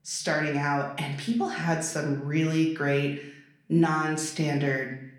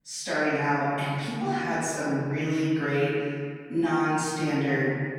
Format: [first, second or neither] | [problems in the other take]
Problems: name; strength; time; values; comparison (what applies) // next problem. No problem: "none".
first | room echo; strong; dies away in 1.9 s; slight in the first // off-mic speech; far; somewhat distant in the first